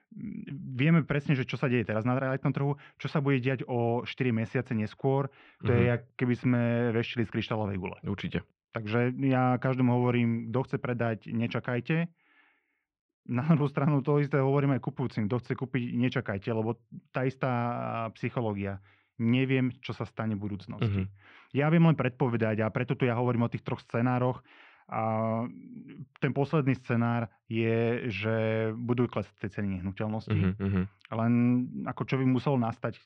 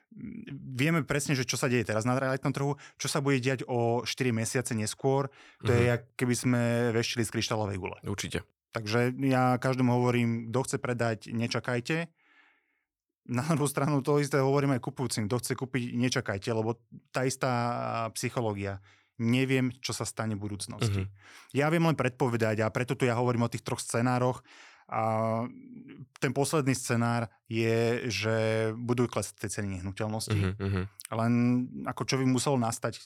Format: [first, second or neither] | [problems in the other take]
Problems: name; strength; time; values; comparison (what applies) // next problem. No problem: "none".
second | muffled; very; fading above 3 kHz